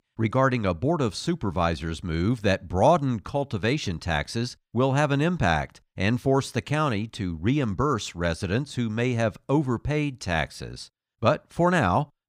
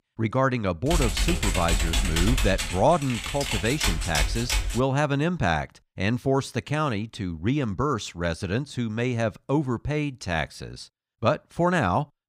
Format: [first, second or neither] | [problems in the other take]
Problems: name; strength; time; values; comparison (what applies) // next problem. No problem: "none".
first | keyboard typing; loud; from 1 to 5 s; peak 1 dB above the speech